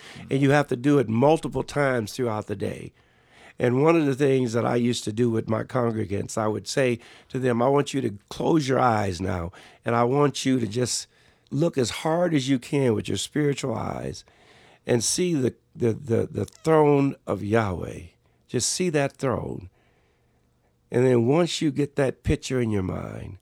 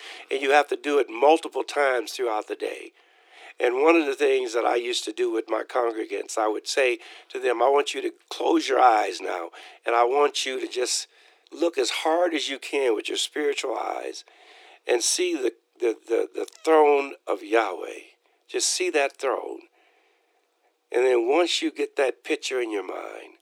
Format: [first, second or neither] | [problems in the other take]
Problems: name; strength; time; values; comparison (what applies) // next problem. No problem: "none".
first | thin; very; fading below 300 Hz